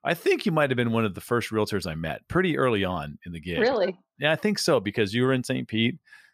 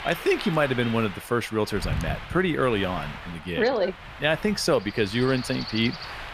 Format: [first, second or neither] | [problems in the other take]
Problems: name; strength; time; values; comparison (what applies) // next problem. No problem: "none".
first | wind noise on the microphone; occasional gusts; 10 dB below the speech